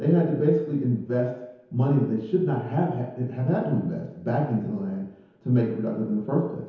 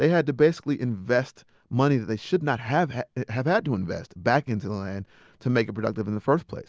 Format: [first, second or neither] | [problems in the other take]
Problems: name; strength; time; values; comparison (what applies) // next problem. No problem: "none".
second | room echo; dies away in 1 s